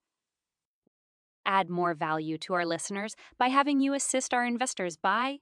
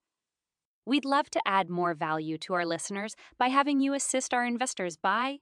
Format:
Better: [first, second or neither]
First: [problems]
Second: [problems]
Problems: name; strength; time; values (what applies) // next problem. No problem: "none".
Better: second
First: audio cutting out; at 1 s for 0.5 s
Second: none